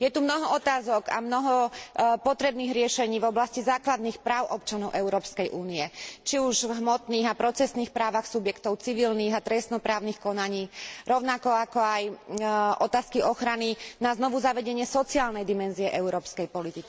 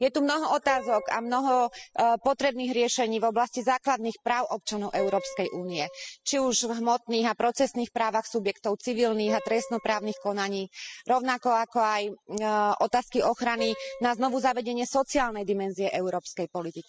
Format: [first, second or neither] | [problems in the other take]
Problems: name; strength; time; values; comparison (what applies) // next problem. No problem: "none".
first | noise reduction (classical method spectral subtraction)